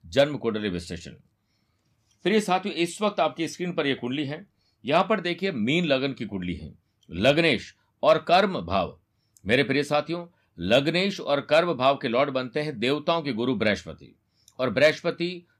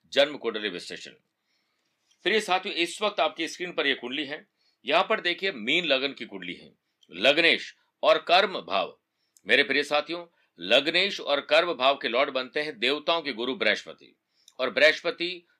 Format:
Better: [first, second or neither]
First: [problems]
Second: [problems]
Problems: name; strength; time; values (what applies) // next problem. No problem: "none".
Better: first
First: none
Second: thin; somewhat; fading below 350 Hz